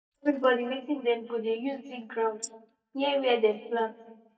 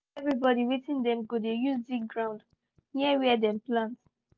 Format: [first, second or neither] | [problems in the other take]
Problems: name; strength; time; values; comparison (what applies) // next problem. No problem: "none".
second | noise reduction (neural mask model DeepFilterNet 3)